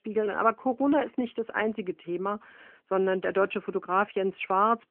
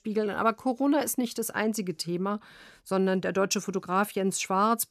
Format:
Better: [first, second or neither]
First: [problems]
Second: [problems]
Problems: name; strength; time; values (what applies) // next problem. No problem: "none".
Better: second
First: phone-call audio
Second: none